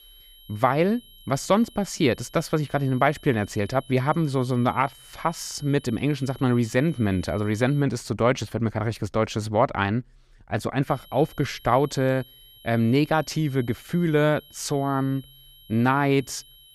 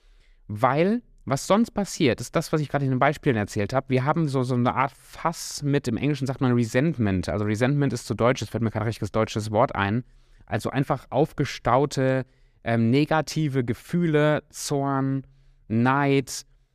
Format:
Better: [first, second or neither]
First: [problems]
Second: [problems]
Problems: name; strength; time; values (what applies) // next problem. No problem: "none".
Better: second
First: high-pitched whine; faint; until 8 s and from 11 s on; 3 kHz, 25 dB below the speech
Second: none